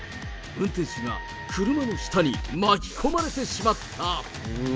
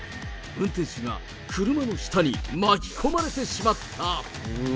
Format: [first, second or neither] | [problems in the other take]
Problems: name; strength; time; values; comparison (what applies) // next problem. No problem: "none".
second | background sound (Wind instrument, woodwind instrument); 16 dB below the speech